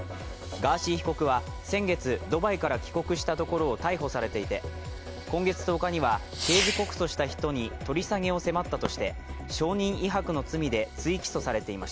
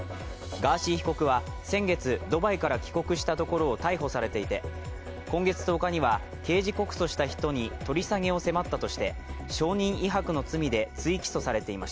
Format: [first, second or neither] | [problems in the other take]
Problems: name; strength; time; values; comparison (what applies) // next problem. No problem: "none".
second | background sound (Fireworks); 12 dB below the speech